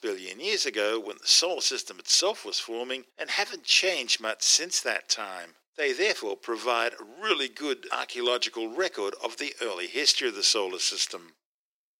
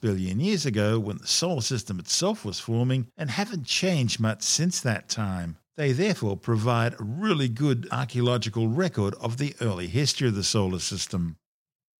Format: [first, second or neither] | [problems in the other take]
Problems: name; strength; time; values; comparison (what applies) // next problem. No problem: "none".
second | thin; very; fading below 350 Hz